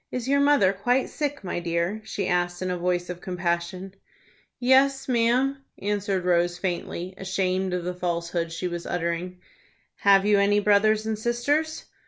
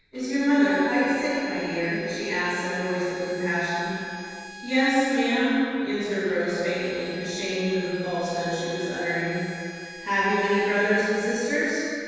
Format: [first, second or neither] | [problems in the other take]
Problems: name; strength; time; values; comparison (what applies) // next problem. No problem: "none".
first | background sound (Bowed string instrument); 16 dB below the speech // room echo; dies away in 2.1 s